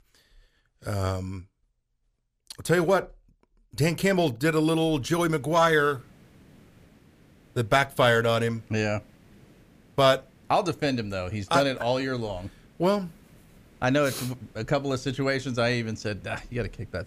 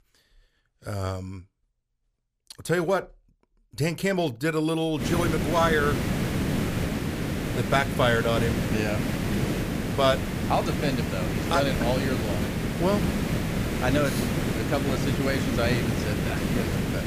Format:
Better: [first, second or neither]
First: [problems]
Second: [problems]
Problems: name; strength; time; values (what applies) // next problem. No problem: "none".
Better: first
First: hiss; faint; from 5 s on; 30 dB below the speech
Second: hiss; loud; from 5 s on; as loud as the speech